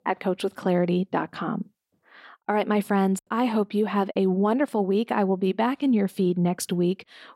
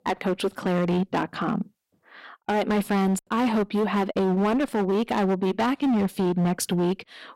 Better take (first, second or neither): first